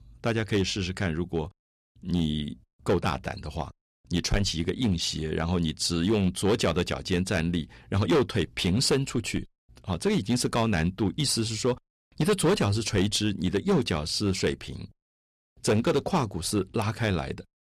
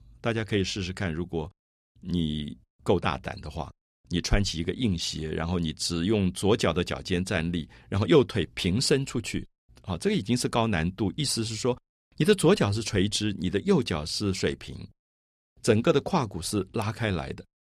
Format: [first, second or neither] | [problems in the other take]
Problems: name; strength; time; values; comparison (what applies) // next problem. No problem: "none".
second | distortion; slight; 5% of the sound clipped